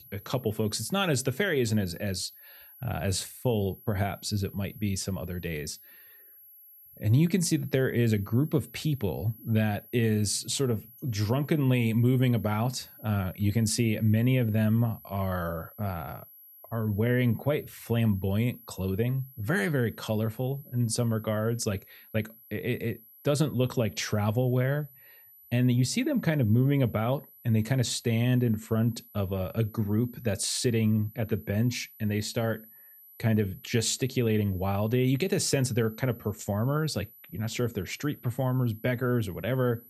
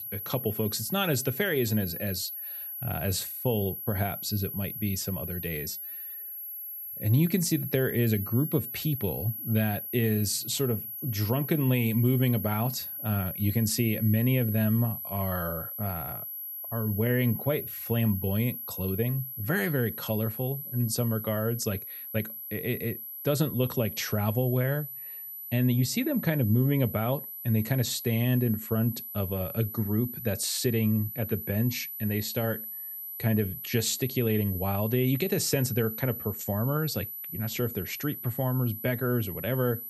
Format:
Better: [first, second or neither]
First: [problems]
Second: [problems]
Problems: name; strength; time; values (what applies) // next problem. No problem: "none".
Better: first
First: high-pitched whine; faint; throughout; 11.5 kHz, 20 dB below the speech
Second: high-pitched whine; loud; throughout; 11.5 kHz, 7 dB below the speech